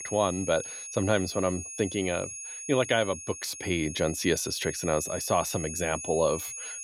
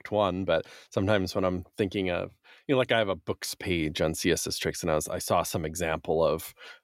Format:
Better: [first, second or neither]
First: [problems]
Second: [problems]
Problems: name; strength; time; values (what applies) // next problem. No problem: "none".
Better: second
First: high-pitched whine; loud; throughout; 6.5 kHz, 8 dB below the speech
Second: none